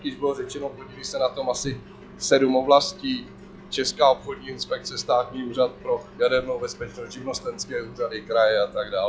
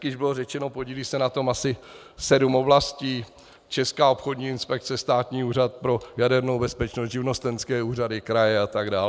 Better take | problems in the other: second | noise reduction (classical method log-MMSE)

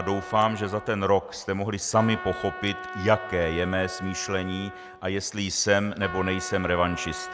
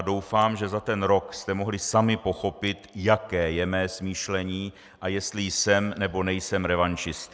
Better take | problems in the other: second | background sound (Trumpet); 12 dB below the speech

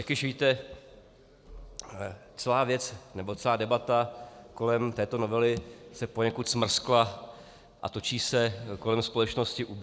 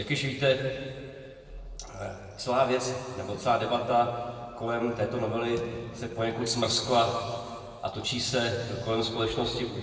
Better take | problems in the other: first | room echo; dies away in 2 s

